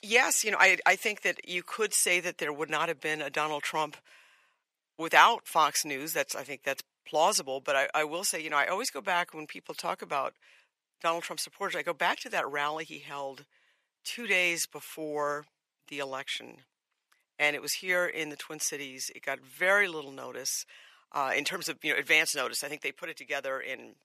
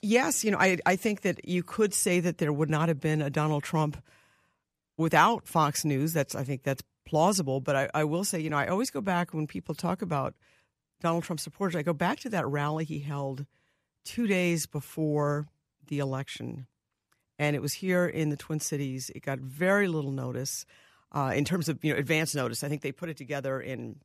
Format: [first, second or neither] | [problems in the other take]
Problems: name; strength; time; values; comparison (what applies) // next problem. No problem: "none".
second | thin; very; fading below 550 Hz